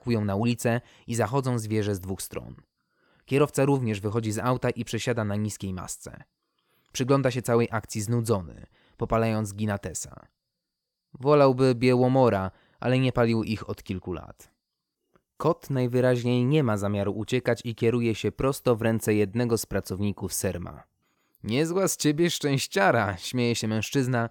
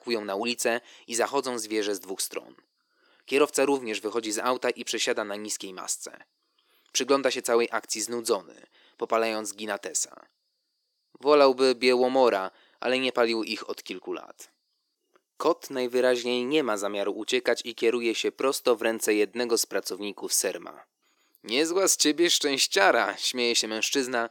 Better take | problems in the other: first | thin; somewhat; fading below 300 Hz

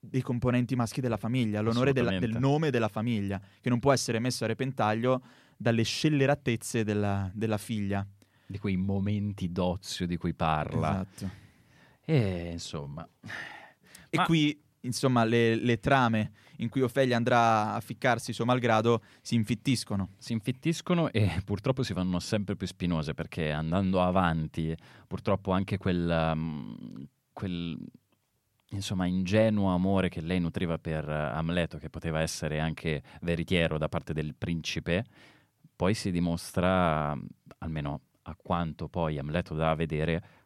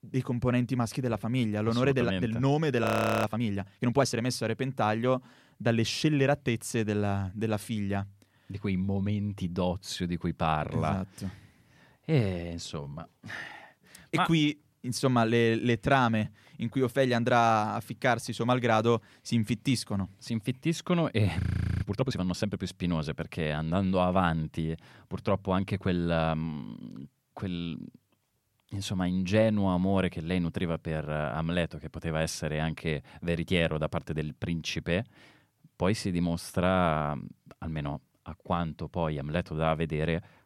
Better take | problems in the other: first | audio freezing; at 3 s and at 21 s

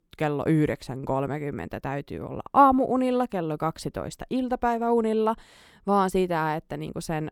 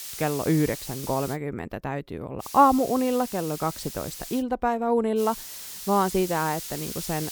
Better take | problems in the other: first | hiss; noticeable; until 1.5 s, from 2.5 to 4.5 s and from 5 s on; 10 dB below the speech

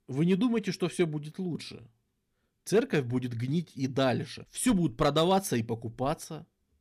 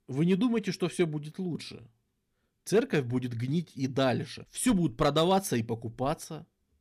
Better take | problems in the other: neither | none

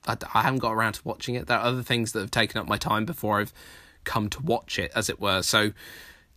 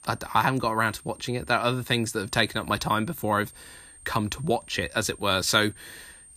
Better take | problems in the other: first | high-pitched whine; faint; throughout; 8.5 kHz, 20 dB below the speech

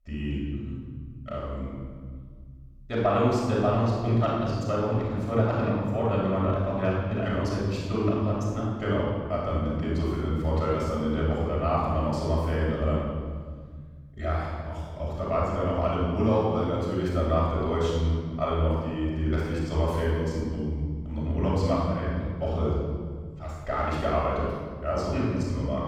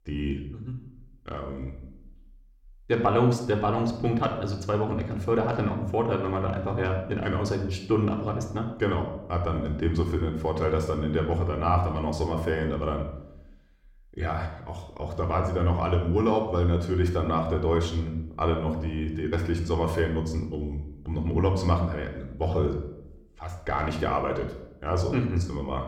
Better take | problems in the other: second | room echo; strong; dies away in 1.8 s; slight in the second // off-mic speech; far

